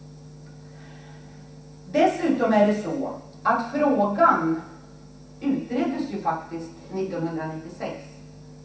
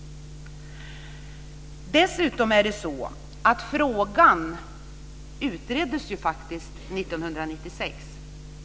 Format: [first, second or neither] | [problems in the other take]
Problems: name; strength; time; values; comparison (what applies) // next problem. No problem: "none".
second | room echo; dies away in 0.7 s